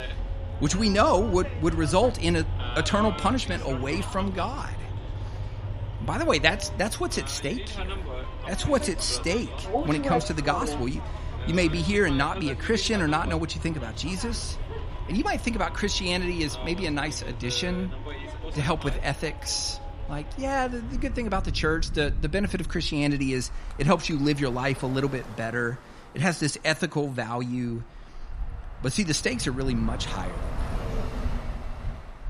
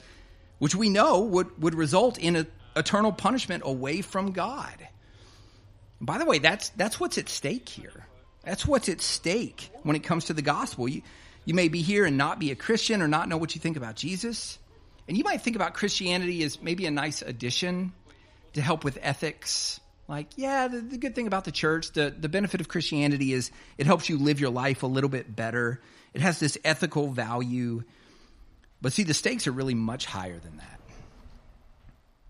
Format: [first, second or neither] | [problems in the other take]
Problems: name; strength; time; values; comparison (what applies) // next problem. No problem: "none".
second | traffic noise; loud; throughout; 8 dB below the speech; faint in the second